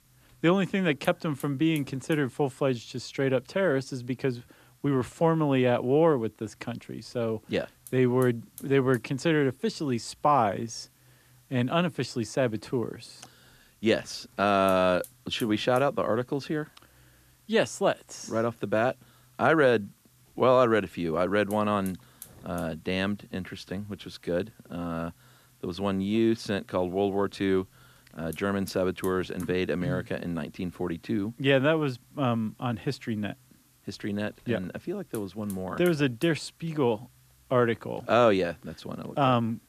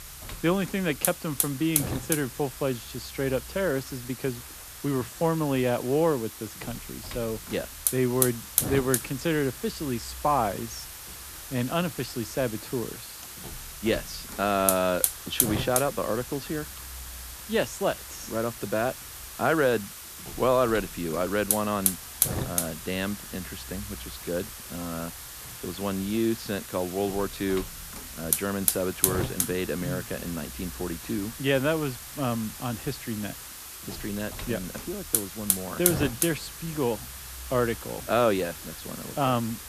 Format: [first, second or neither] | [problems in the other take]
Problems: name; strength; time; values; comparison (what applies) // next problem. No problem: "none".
first | hiss; loud; throughout; 3 dB below the speech; faint in the first